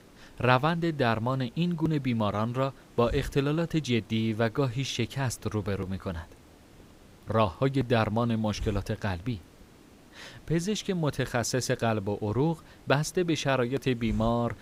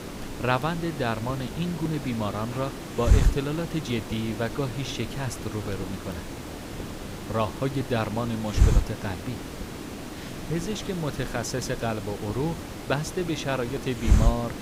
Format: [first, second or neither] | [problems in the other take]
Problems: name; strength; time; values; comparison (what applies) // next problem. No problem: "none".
first | hiss; loud; throughout; 2 dB below the speech; faint in the first